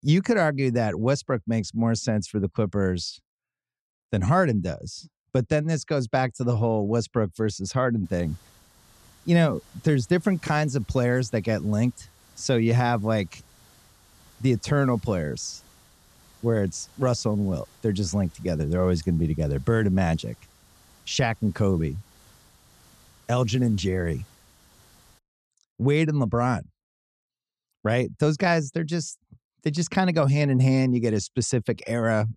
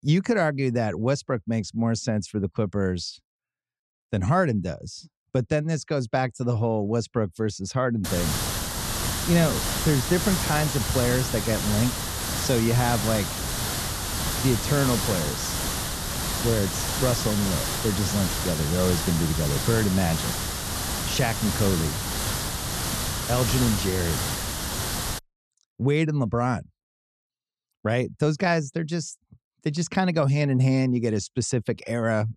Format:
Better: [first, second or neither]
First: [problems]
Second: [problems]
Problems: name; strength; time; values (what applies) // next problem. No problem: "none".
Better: first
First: hiss; faint; from 8 to 25 s; 30 dB below the speech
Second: hiss; loud; from 8 to 25 s; 2 dB below the speech